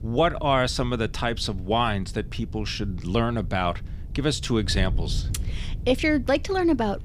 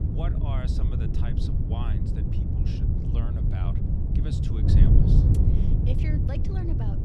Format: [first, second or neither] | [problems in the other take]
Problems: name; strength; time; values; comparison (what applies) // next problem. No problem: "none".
first | wind noise on the microphone; heavy; 5 dB above the speech; occasional gusts in the first